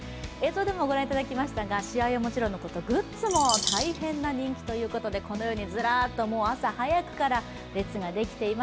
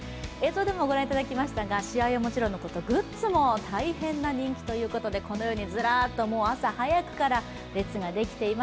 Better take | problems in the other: second | background sound (Bird vocalization, bird call, bird song); 1 dB below the speech

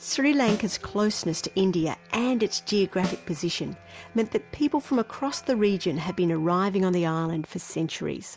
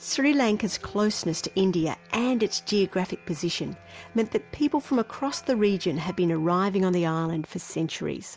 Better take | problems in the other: second | background sound (Snare drum); 14 dB below the speech

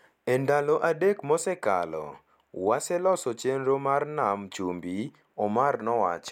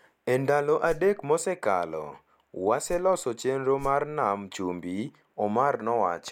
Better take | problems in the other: first | background sound (Whoosh, swoosh, swish); 15 dB below the speech

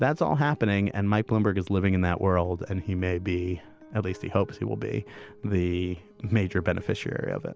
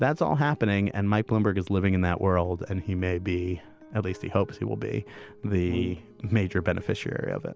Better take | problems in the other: first | background sound (Brass instrument); 10 dB below the speech

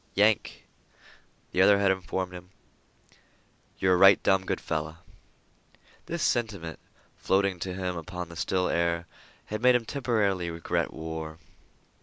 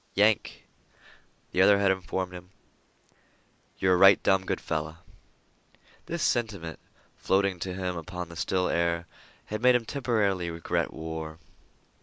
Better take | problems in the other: first | noise reduction (neural mask model Resemble Enhance denoiser)

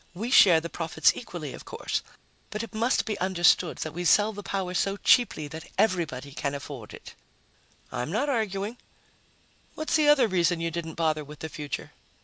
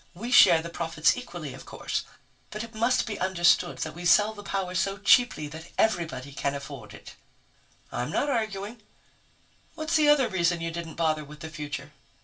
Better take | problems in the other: first | room echo; dies away in 0.2 s

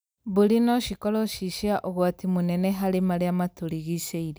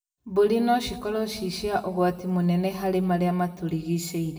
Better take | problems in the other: first | room echo; dies away in 1.1 s

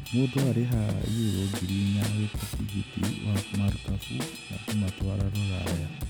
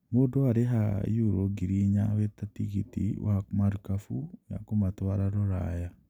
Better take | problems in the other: second | background sound (Drum / Drum kit); 7 dB below the speech

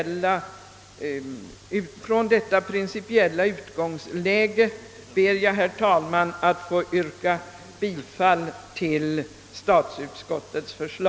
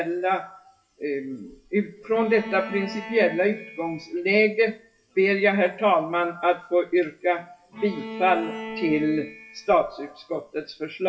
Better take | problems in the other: first | noise reduction (classical method WPE with log-MMSE)

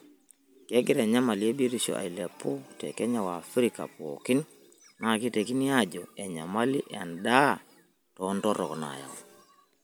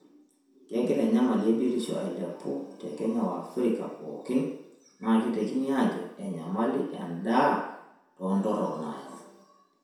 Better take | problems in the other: first | room echo; dies away in 0.7 s

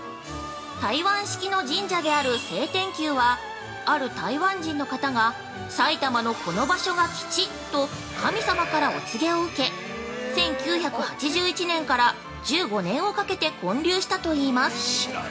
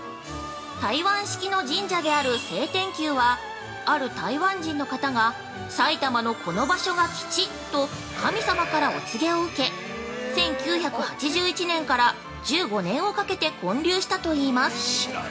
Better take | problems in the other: second | background sound (Zipper (clothing)); 19 dB below the speech

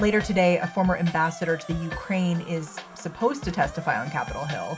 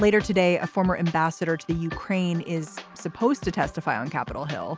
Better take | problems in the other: second | background sound (Motor vehicle (road) / Siren); 18 dB below the speech // room echo; dies away in 0.2 s

